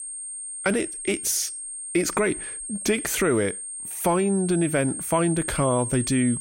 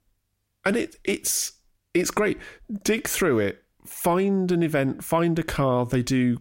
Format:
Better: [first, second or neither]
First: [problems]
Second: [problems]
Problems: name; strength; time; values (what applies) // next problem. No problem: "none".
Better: second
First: high-pitched whine; loud; throughout; 8.5 kHz, 7 dB below the speech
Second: none